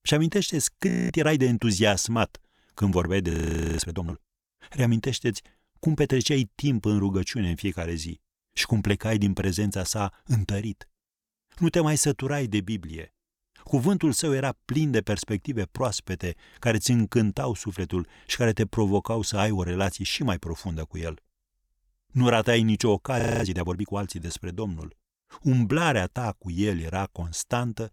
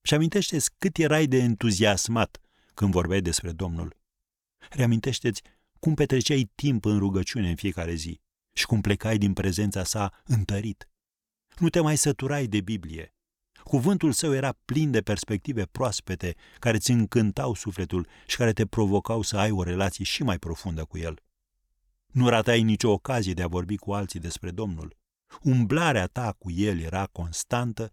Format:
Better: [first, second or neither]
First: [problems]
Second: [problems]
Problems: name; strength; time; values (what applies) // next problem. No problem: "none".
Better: second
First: audio freezing; at 1 s, at 3.5 s and at 23 s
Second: none